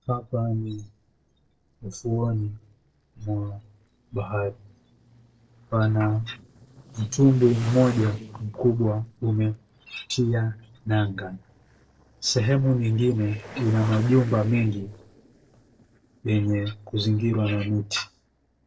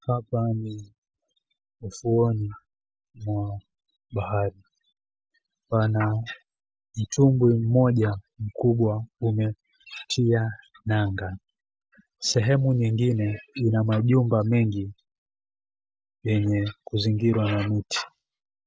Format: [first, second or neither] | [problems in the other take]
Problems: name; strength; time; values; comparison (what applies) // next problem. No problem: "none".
second | noise reduction (neural separator model SepFormer DNS4)